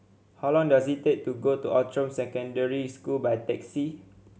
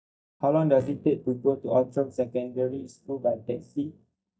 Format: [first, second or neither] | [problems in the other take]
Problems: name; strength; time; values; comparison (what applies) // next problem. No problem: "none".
first | noise reduction (neural mask model DeepFilterNet 3)